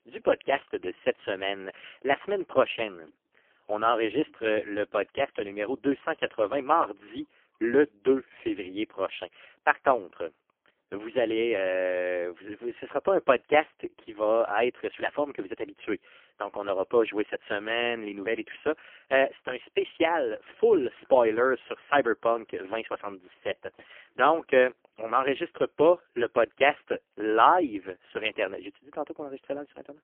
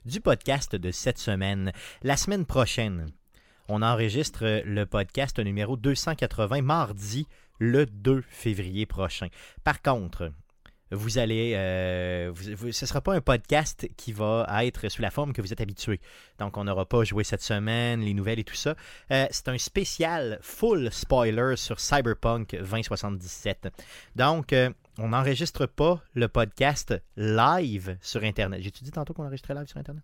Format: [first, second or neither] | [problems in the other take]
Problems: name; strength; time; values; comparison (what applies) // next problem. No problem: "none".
second | phone-call audio; poor line; nothing above 3 kHz